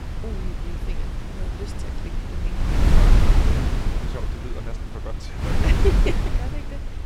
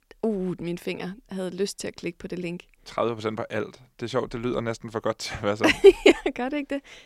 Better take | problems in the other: second | wind noise on the microphone; heavy; 3 dB above the speech

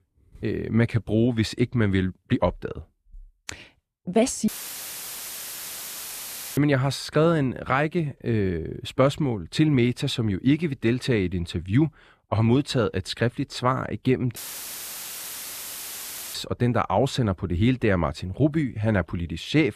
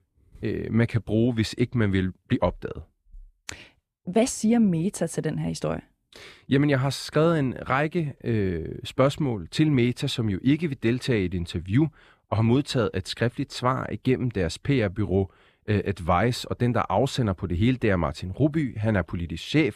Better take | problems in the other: second | audio cutting out; filled with static; at 4.5 s for 2 s and at 14 s for 2 s

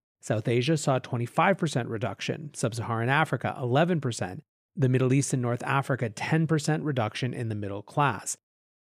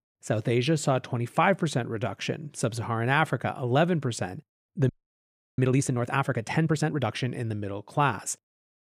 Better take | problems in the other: first | audio freezing; at 5 s for 0.5 s

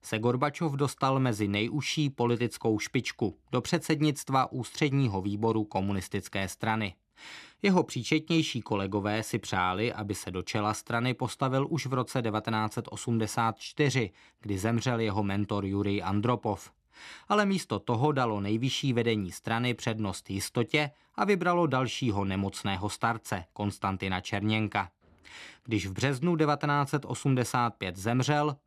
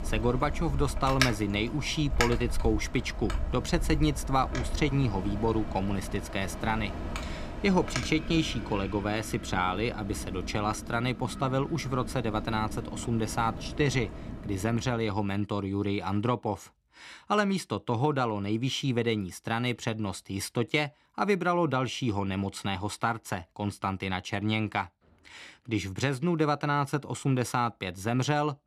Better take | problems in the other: first | wind in the background; loud; until 15 s; 7 dB below the speech

